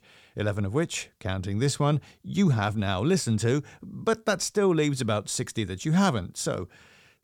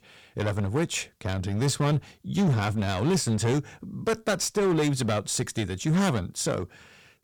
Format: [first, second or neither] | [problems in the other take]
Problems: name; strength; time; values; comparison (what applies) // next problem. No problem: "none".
first | distortion; slight; 13% of the sound clipped